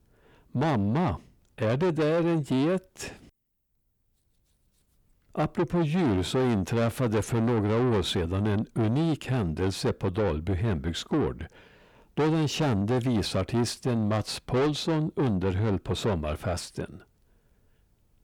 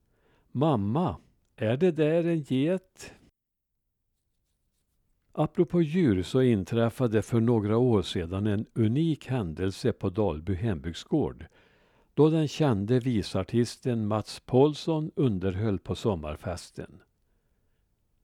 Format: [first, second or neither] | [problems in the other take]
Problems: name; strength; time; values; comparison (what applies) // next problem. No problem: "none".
second | distortion; heavy; 7 dB below the speech